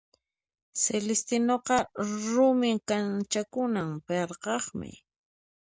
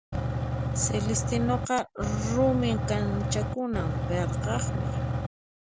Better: first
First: none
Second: background sound (Engine / Truck / Car); 2 dB above the speech

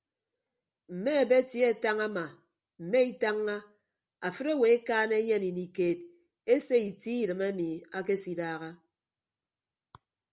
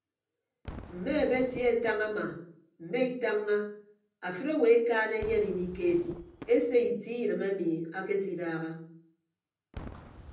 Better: first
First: none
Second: background sound (Whoosh, swoosh, swish / Fireworks); 19 dB below the speech // room echo; dies away in 0.6 s

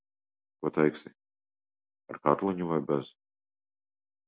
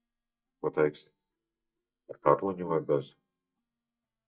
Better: first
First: none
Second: noise reduction (neural mask model DeepFilterNet 3)

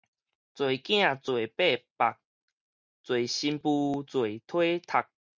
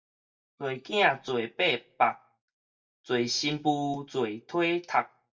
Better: first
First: none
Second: noise reduction (neural mask model DeepFilterNet 3)

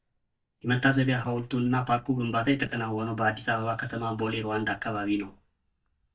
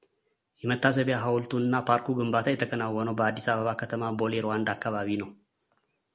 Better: second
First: noise reduction (neural mask model DeepFilterNet 3)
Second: none

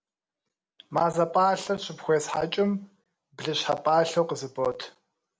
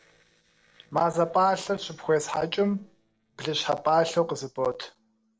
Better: first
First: none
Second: noise reduction (neural separator model SepFormer DNS4)

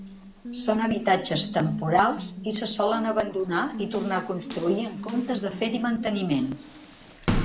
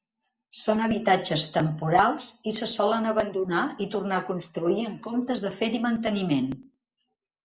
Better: second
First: background sound (Water tap, faucet); 8 dB below the speech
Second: none

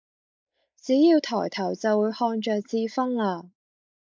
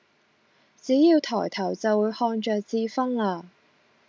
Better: second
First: noise reduction (neural mask model Resemble Enhance denoiser)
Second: none

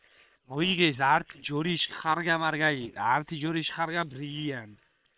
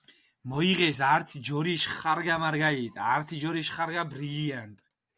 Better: second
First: noise reduction (neural separator model SepFormer WHAM!)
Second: none

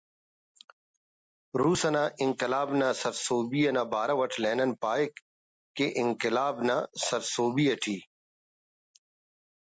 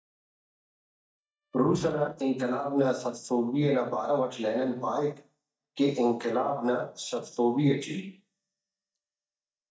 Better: first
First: none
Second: noise reduction (neural mask model DeepFilterNet 3)

